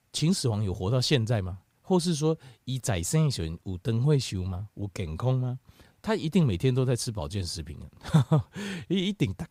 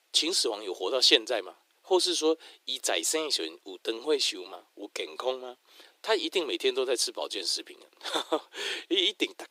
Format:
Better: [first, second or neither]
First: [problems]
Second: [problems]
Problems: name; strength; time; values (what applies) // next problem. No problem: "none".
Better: first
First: none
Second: thin; very; fading below 300 Hz